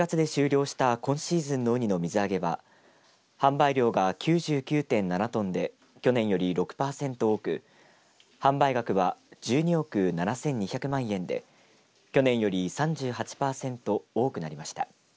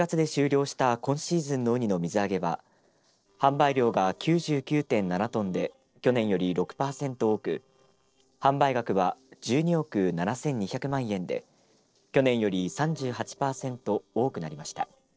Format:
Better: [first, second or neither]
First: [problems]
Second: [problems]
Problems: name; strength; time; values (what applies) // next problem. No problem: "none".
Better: first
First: none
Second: noise reduction (neural separator model SepFormer DNS4)